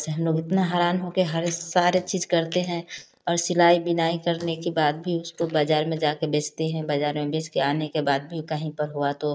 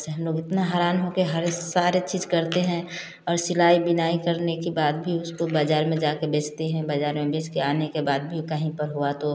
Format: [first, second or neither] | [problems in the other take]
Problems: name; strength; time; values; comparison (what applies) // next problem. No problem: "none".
second | noise reduction (neural mask model DeepFilterNet 3)